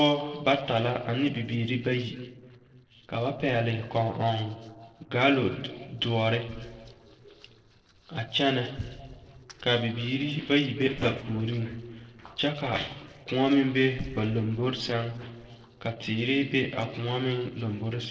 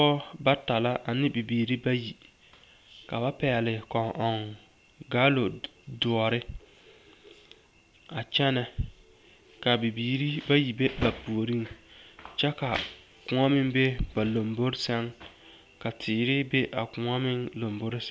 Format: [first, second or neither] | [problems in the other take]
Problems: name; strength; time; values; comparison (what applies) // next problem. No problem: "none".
second | noise reduction (neural separator model SepFormer DNS4)